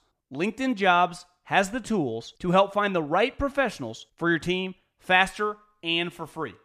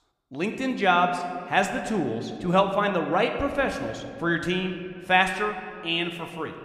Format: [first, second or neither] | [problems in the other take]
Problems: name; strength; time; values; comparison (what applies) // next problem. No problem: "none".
first | room echo; slight; dies away in 1.6 s